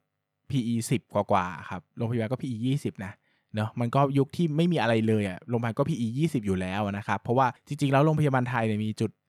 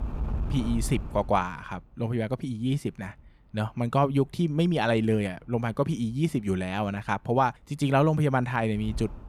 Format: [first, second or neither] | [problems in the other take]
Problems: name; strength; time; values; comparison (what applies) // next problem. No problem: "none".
first | wind noise on the microphone; occasional gusts; 15 dB below the speech